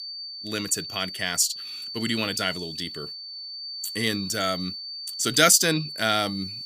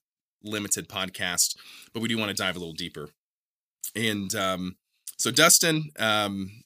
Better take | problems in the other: second | high-pitched whine; loud; throughout; 4.5 kHz, 9 dB below the speech

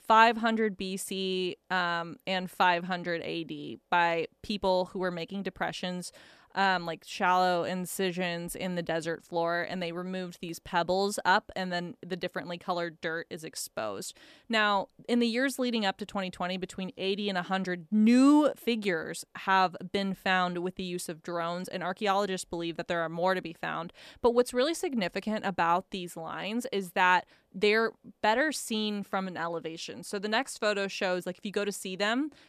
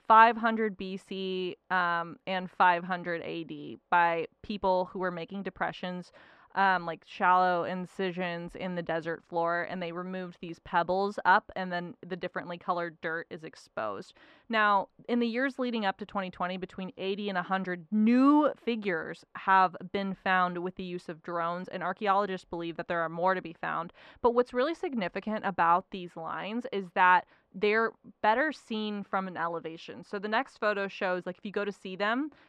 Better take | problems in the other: first | muffled; slightly; fading above 3 kHz

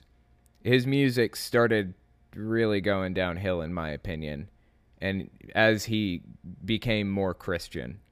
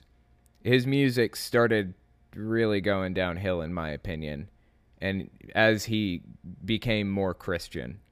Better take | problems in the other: neither | none

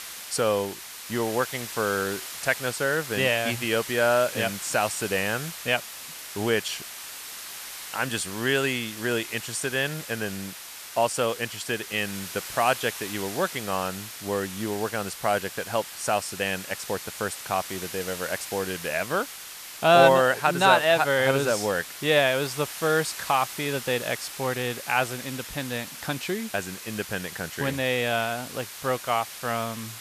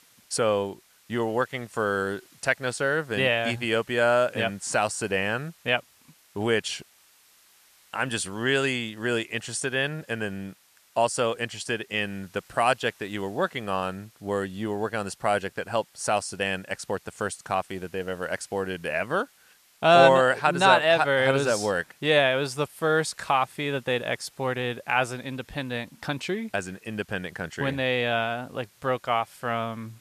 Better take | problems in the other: second | hiss; loud; throughout; 10 dB below the speech; faint in the second

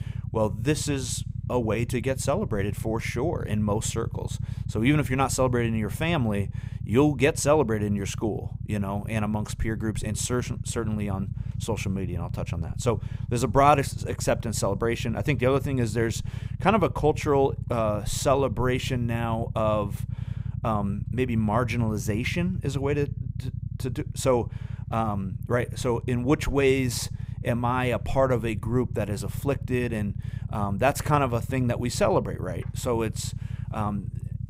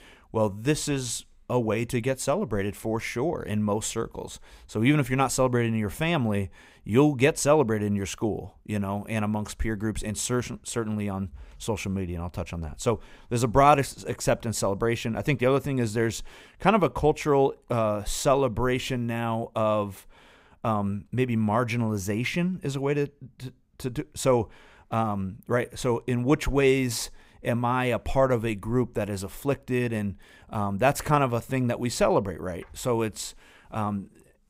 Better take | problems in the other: second | low rumble; noticeable; throughout; 20 dB below the speech

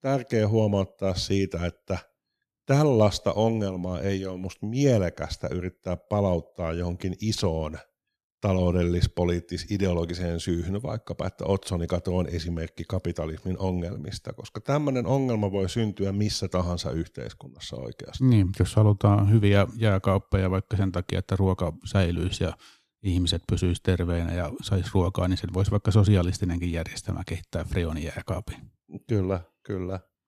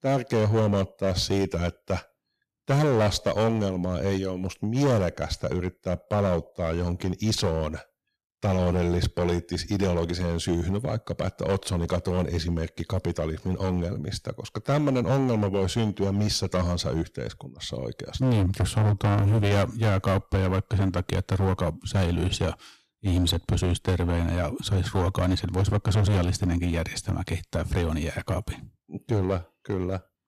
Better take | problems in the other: first | distortion; heavy; 10% of the sound clipped

